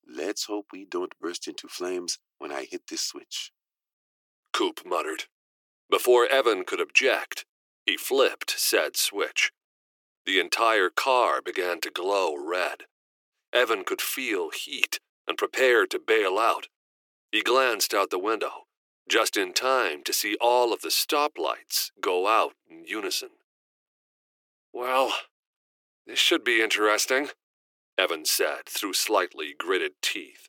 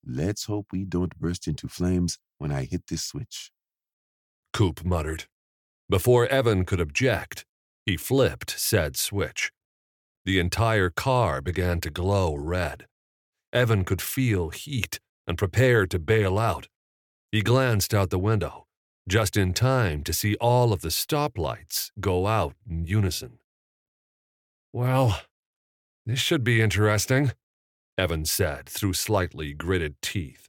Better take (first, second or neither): second